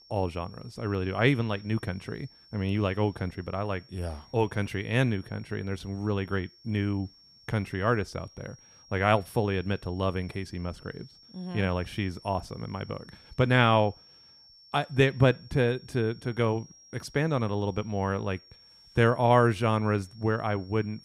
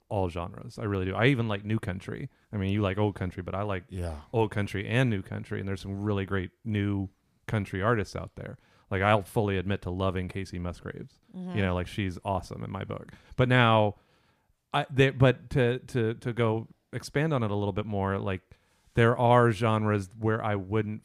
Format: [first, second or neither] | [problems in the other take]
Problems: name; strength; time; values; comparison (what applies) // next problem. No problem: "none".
second | high-pitched whine; faint; throughout; 5.5 kHz, 25 dB below the speech